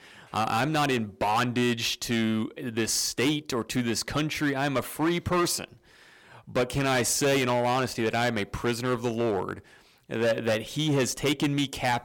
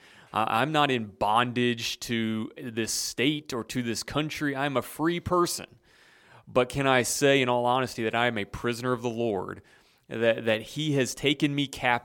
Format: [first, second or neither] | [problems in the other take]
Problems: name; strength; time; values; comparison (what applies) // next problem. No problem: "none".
second | distortion; heavy; 11% of the sound clipped